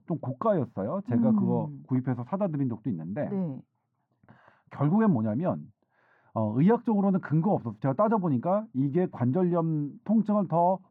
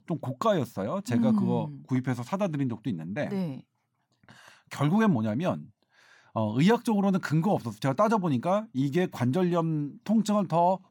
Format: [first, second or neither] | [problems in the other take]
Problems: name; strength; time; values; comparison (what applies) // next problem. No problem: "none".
second | muffled; very; fading above 3 kHz